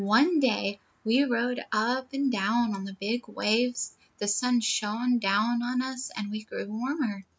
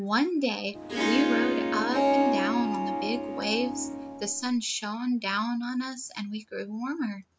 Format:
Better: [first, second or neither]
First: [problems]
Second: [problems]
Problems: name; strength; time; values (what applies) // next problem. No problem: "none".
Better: first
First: none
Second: background sound (Harp); 2 dB above the speech